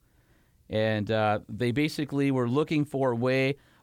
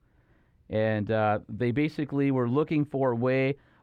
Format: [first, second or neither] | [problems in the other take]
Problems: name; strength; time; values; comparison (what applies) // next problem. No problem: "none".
first | muffled; slightly; fading above 4 kHz